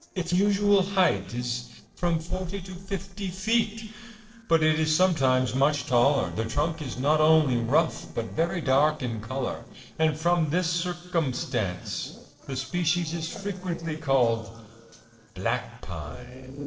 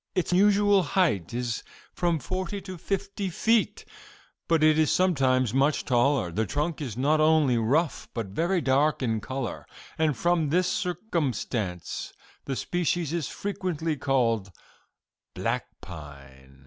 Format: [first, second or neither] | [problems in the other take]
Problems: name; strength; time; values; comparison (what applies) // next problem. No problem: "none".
second | noise reduction (neural separator model SepFormer DNS4)